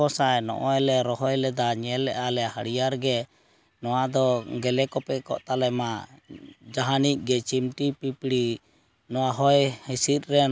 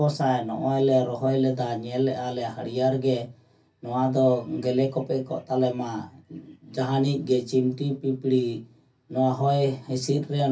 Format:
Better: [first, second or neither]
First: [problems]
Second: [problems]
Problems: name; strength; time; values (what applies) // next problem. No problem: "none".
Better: first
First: none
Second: room echo; dies away in 0.3 s